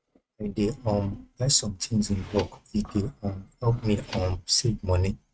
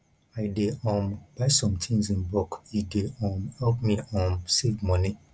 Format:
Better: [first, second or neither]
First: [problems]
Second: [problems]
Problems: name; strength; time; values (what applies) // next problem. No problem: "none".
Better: second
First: noise reduction (neural mask model RNNoise)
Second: none